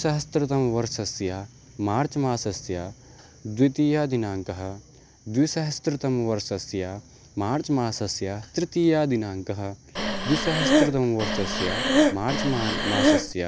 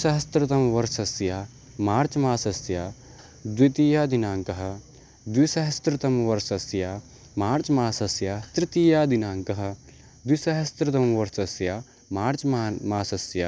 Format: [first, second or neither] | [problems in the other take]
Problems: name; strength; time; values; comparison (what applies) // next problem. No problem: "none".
second | background sound (Breathing); 3 dB above the speech